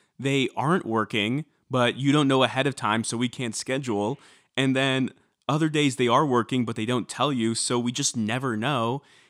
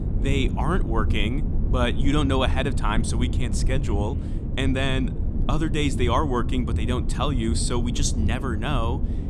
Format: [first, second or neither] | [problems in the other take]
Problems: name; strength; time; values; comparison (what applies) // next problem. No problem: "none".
first | low rumble; noticeable; throughout; 10 dB below the speech